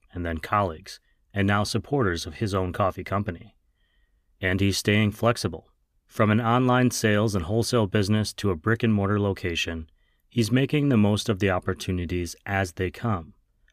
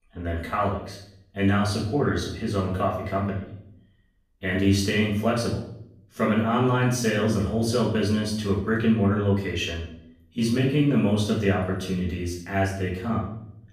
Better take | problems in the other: first | off-mic speech; far // room echo; noticeable; dies away in 0.6 s

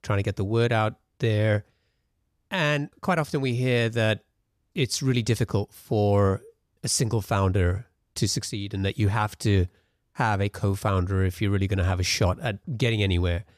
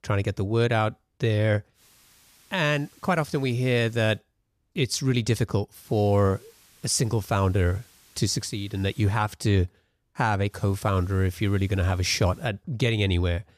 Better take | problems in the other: first | hiss; faint; from 2 to 4 s, from 6 to 9 s and from 11 to 12 s; 30 dB below the speech

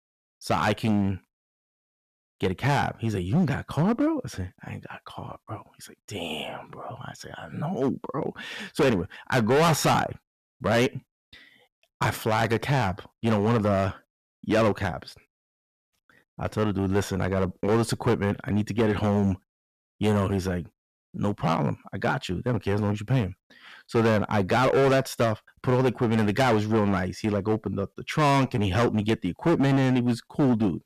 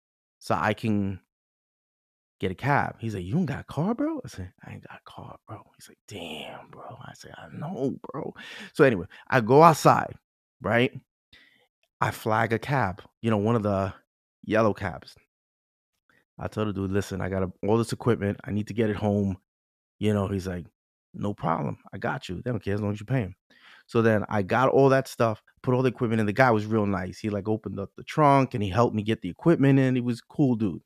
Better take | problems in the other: second | distortion; heavy; 8% of the sound clipped

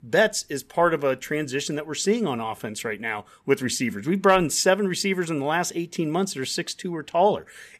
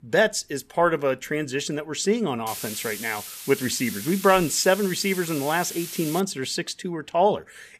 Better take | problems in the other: first | hiss; loud; from 2.5 to 6 s; 10 dB below the speech

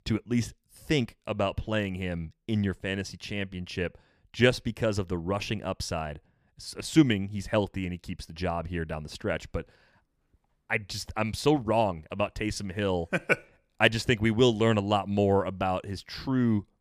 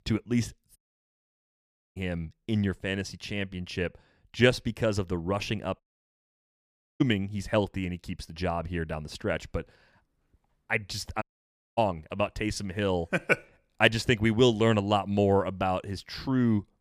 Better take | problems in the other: first | audio cutting out; at 1 s for 1 s, at 6 s for 1 s and at 11 s for 0.5 s

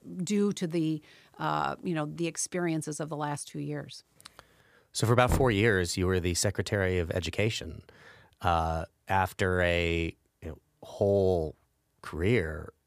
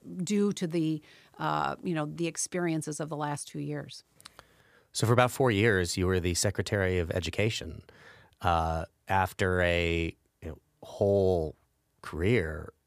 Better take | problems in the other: second | door banging; noticeable; at 5.5 s; peak 3 dB below the speech

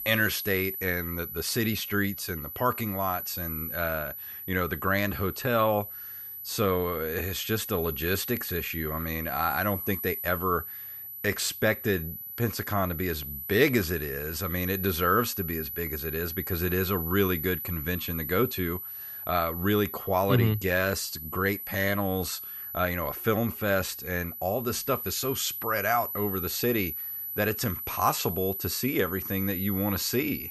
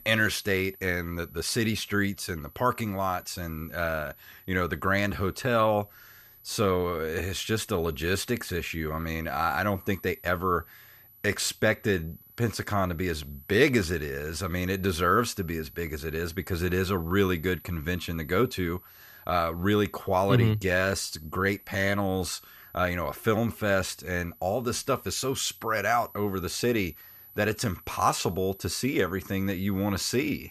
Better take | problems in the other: second | high-pitched whine; loud; throughout; 12 kHz, 6 dB below the speech; faint in the second

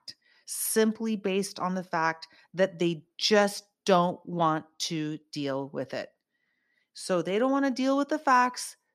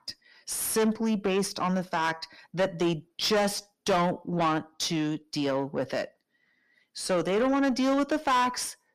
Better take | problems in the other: first | distortion; heavy; 7 dB below the speech

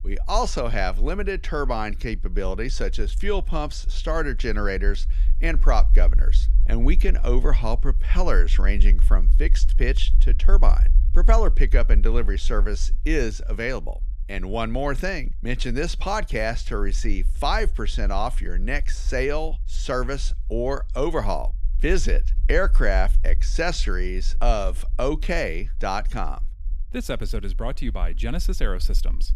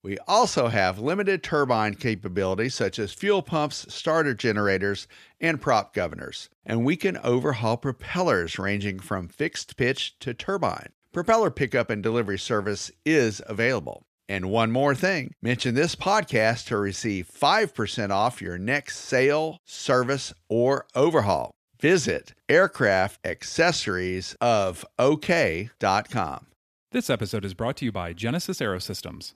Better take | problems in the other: second | low rumble; faint; throughout; 25 dB below the speech

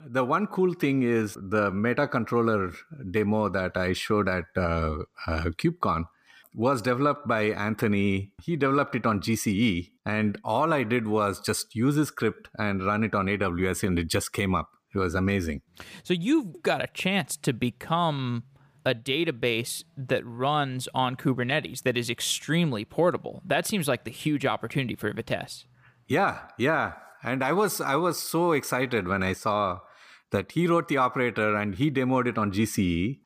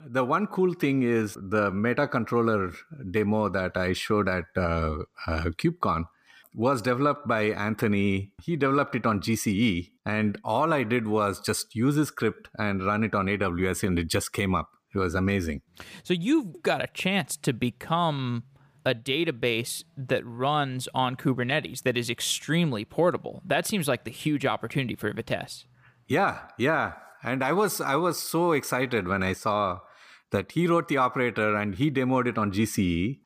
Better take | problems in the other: neither | none

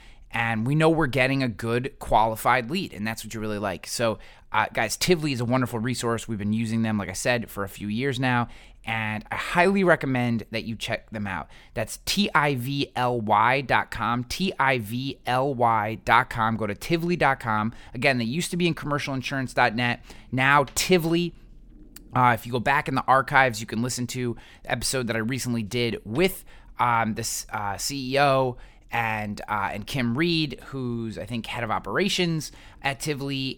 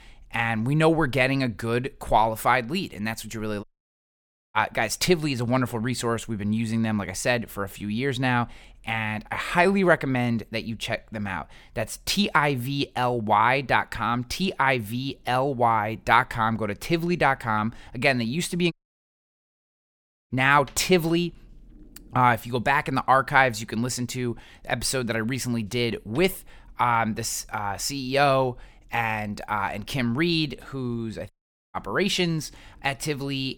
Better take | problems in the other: first | audio cutting out; at 3.5 s for 1 s, at 19 s for 1.5 s and at 31 s

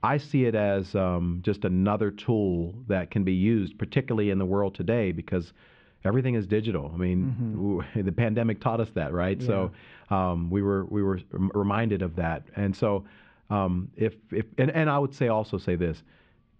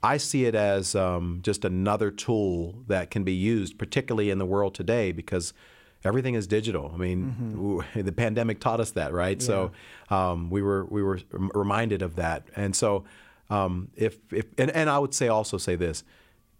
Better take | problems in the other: second | muffled; very; fading above 3.5 kHz

